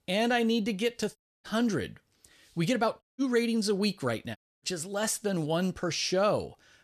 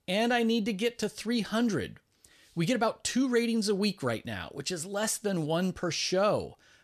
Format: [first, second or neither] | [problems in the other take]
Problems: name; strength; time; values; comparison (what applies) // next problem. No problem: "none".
second | audio cutting out; at 1 s, at 3 s and at 4.5 s